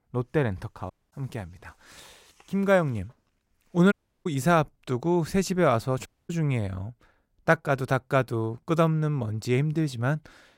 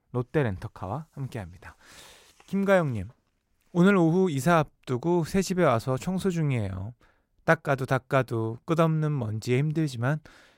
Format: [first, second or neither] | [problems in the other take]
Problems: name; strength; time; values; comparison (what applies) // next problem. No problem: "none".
second | audio cutting out; at 1 s, at 4 s and at 6 s